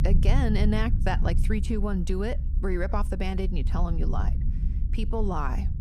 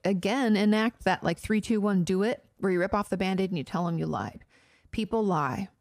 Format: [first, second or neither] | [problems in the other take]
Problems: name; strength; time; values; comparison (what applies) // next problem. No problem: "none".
second | low rumble; noticeable; throughout; 10 dB below the speech